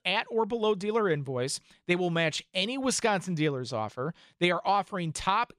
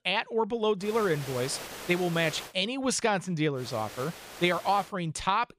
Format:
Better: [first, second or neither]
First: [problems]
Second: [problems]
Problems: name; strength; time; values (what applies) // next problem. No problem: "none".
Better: first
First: none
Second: hiss; noticeable; from 1 to 2.5 s and from 3.5 to 5 s; 15 dB below the speech